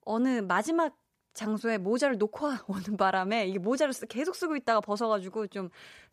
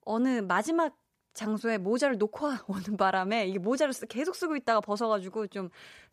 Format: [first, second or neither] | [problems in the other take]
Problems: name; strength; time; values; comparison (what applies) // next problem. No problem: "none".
neither | none